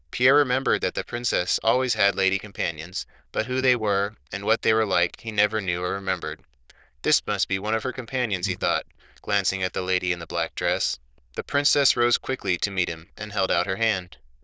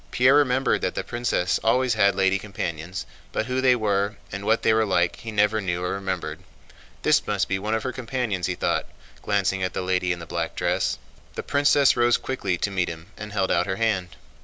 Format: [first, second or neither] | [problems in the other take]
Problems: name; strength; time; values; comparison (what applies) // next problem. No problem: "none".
second | noise reduction (neural diffusion model UNIVERSE++)